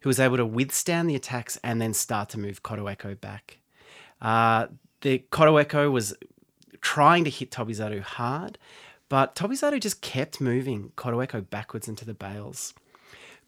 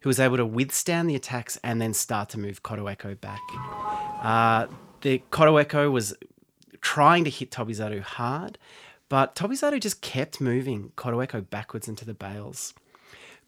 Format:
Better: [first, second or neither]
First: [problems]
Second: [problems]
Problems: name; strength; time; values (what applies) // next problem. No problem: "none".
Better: first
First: none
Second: doorbell; noticeable; from 3.5 to 5 s; peak 6 dB below the speech